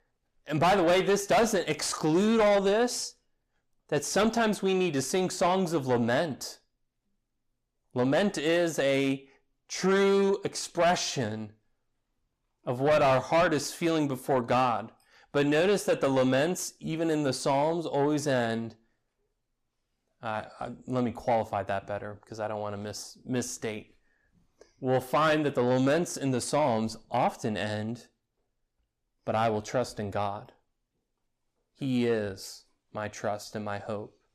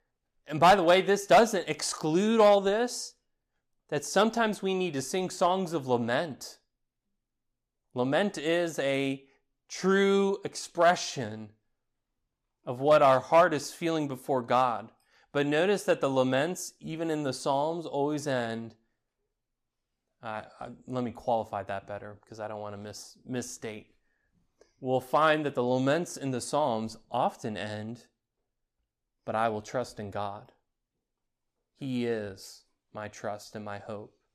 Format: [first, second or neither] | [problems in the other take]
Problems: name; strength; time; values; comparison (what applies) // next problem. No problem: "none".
second | distortion; heavy; 8 dB below the speech